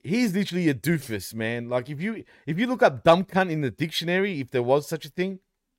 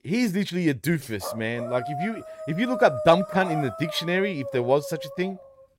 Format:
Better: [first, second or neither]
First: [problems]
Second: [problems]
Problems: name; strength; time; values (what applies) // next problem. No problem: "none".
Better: first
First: none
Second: dog barking; noticeable; from 1 s on; peak 5 dB below the speech